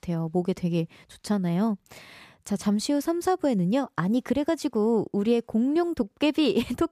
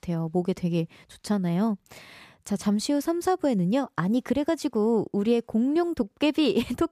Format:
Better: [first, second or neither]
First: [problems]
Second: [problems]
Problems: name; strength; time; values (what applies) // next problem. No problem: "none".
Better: neither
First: none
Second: none